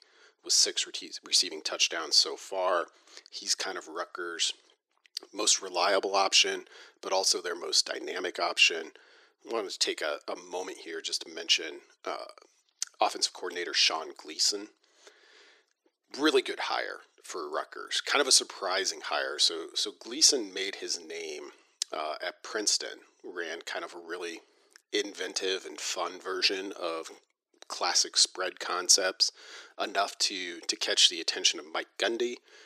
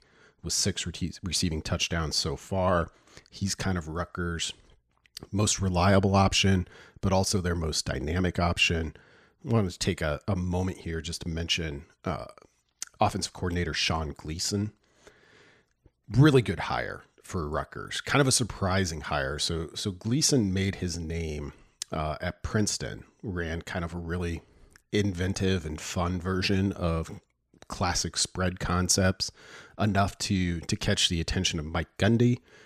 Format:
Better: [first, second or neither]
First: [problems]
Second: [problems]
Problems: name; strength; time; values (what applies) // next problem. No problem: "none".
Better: second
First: thin; very; fading below 350 Hz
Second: none